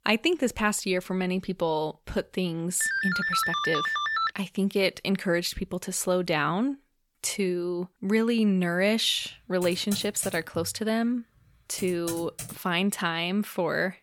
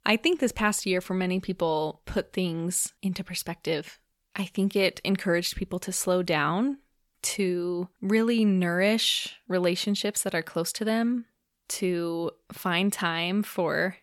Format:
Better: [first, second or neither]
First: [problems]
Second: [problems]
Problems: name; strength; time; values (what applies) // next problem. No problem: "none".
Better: second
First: phone ringing; loud; from 3 to 4.5 s; peak 2 dB above the speech // keyboard typing; noticeable; from 9.5 to 13 s; peak 9 dB below the speech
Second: none